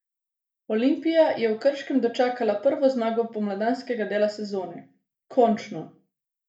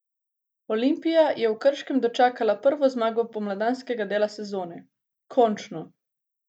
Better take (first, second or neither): second